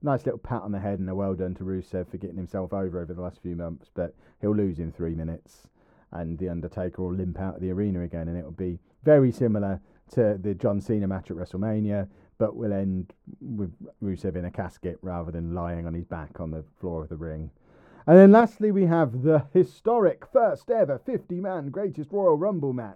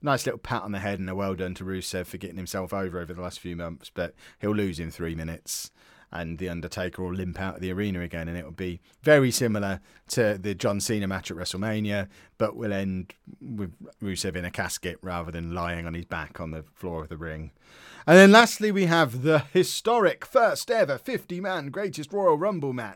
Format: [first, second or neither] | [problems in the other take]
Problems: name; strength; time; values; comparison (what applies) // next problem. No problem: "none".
second | muffled; very; fading above 1.5 kHz